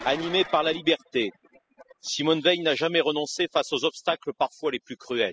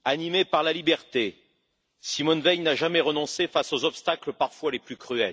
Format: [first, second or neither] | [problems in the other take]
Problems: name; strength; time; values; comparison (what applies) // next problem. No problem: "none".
second | noise reduction (classical method spectral subtraction)